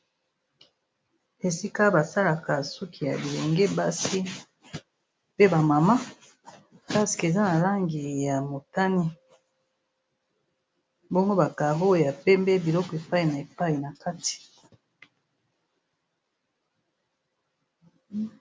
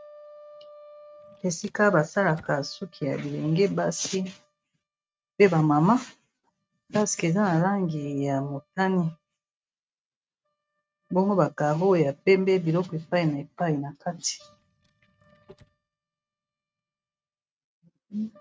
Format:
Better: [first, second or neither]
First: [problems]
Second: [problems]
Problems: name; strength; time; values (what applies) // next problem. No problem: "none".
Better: first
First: none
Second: noise reduction (neural mask model RNNoise)